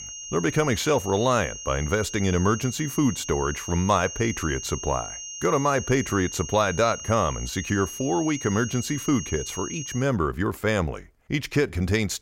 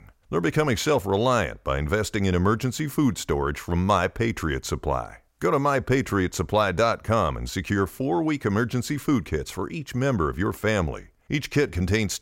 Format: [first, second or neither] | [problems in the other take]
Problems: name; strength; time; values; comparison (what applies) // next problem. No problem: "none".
second | high-pitched whine; loud; until 10 s; 6.5 kHz, 9 dB below the speech